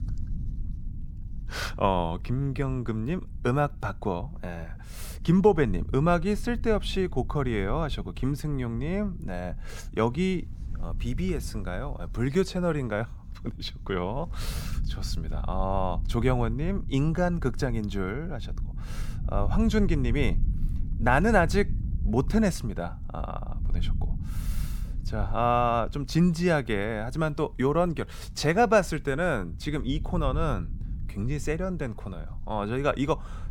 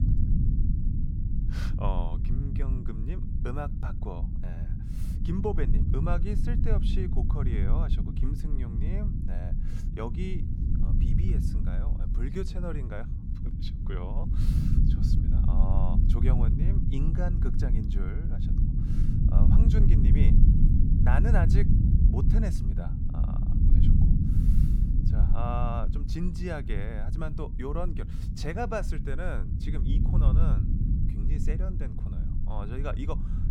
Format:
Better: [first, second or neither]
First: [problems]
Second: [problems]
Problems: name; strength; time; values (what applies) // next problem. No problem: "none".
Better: first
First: low rumble; faint; throughout; 25 dB below the speech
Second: low rumble; loud; throughout; 2 dB below the speech